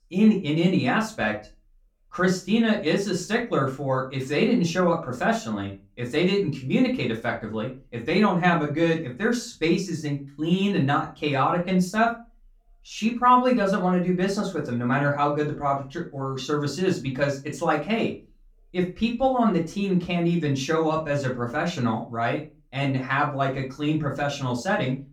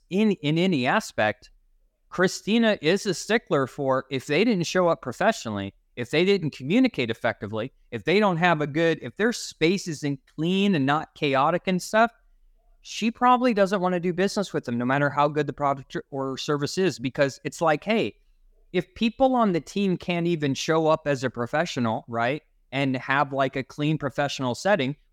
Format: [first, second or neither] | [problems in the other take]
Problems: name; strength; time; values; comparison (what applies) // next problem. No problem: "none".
second | off-mic speech; far // room echo; very slight; dies away in 0.2 s